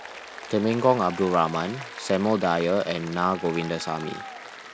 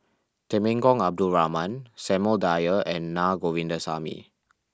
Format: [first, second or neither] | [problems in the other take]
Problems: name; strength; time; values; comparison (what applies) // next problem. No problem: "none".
second | background sound (Applause); 13 dB below the speech